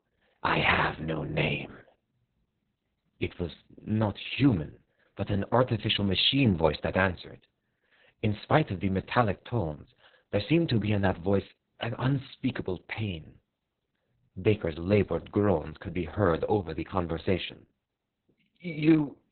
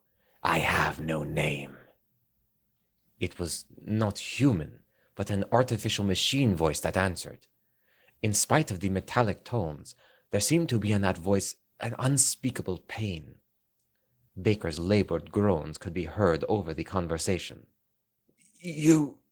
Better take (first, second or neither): second